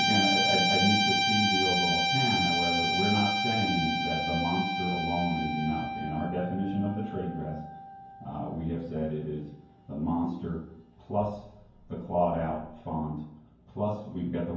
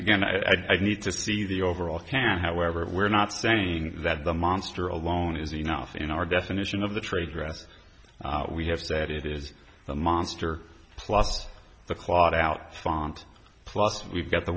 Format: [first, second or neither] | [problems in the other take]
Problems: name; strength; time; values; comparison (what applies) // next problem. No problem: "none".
second | background sound (Guitar); as loud as the speech // room echo; dies away in 0.9 s